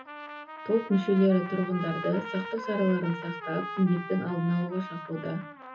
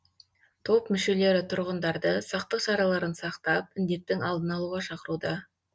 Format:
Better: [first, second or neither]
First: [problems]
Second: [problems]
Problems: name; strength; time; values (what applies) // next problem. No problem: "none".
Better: second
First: background sound (Trumpet); 11 dB below the speech // room echo; dies away in 0.4 s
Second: none